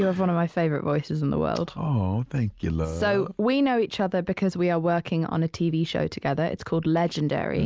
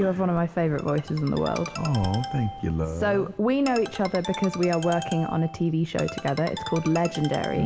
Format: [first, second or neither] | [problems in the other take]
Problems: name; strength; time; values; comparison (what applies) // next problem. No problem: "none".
first | background sound (Ringtone); 12 dB below the speech // room echo; dies away in 1.4 s